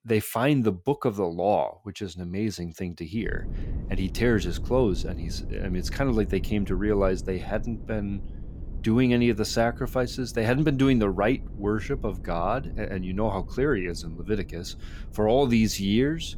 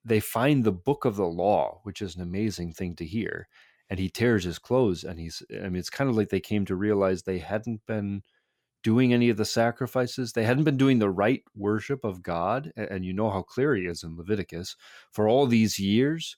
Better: second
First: low rumble; faint; from 3.5 s on; 20 dB below the speech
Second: none

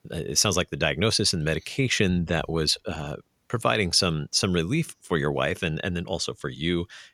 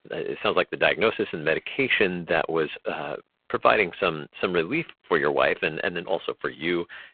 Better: first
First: none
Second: phone-call audio; poor line; nothing above 3.5 kHz

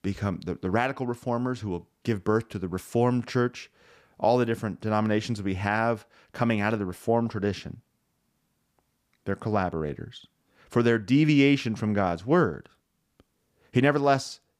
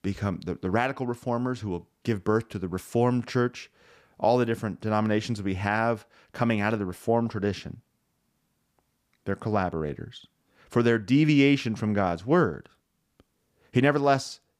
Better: neither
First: none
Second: none

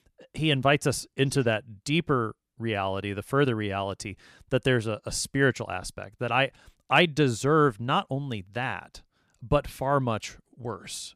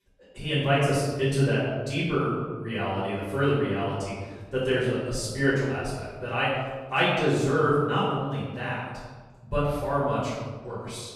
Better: first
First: none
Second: off-mic speech; far // room echo; strong; dies away in 1.3 s

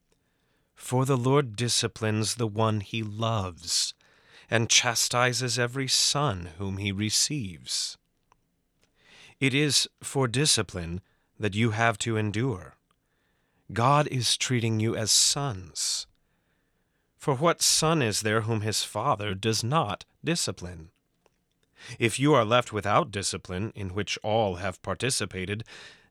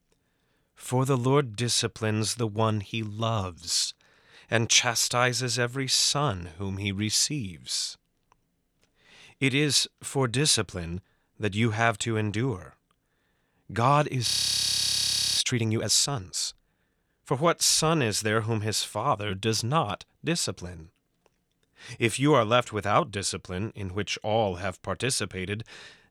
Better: first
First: none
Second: audio freezing; at 14 s for 1 s

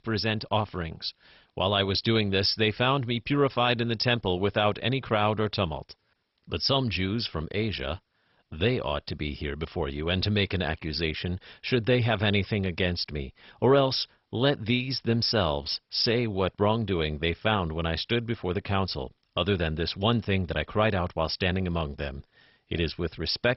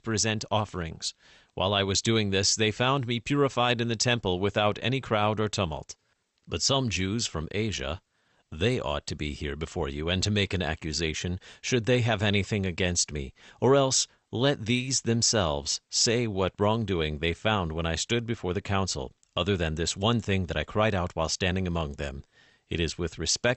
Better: second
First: garbled, watery; badly; nothing above 5.5 kHz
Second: garbled, watery; slightly; nothing above 8 kHz

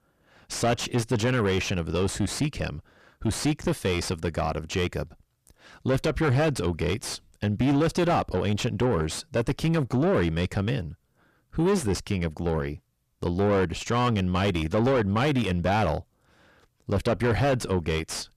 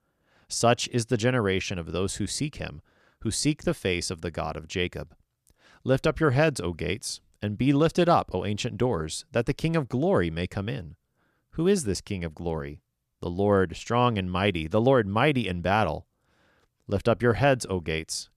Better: second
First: distortion; heavy; 6 dB below the speech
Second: none

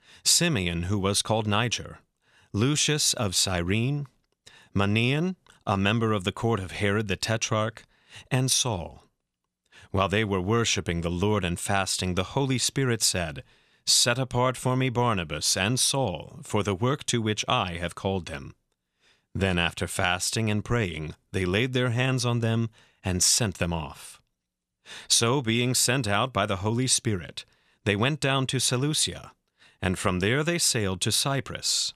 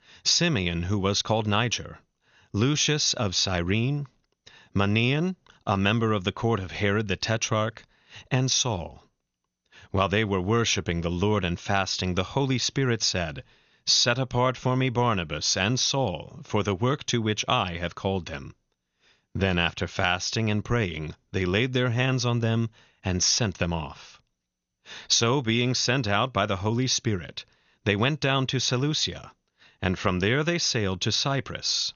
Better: first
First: none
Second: garbled, watery; slightly; nothing above 6.5 kHz

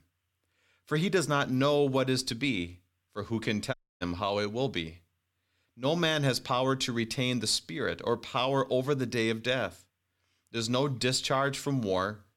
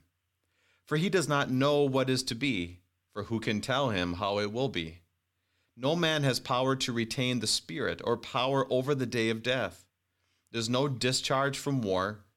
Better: second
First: audio cutting out; at 3.5 s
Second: none

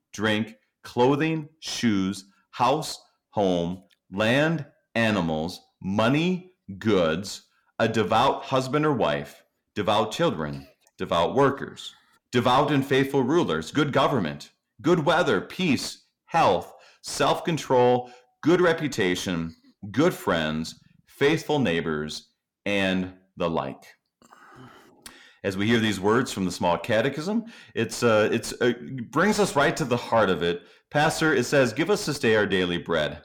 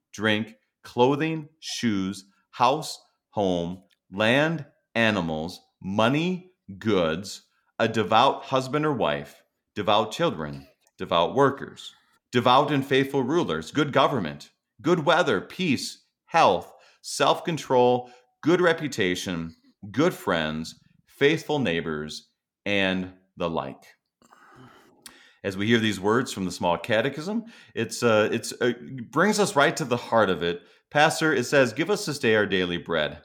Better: second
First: distortion; slight; 10 dB below the speech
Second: none

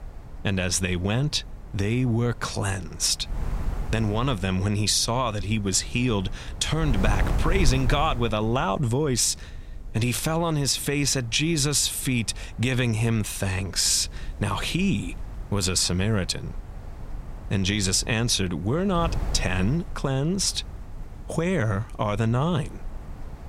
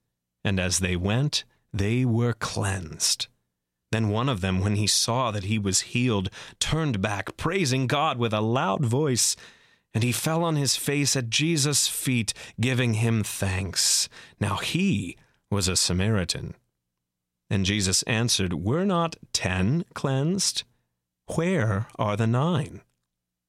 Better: second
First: wind noise on the microphone; occasional gusts; 20 dB below the speech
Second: none

